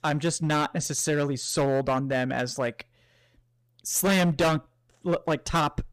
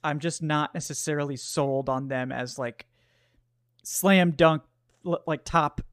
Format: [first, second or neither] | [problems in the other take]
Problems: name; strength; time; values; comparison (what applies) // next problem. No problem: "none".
second | distortion; heavy; 9% of the sound clipped